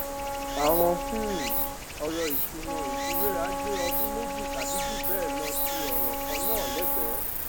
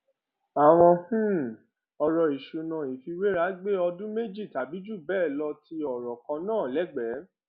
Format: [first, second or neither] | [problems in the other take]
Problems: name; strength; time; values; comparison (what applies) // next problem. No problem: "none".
second | background sound (Wind instrument, woodwind instrument + Stream); 4 dB above the speech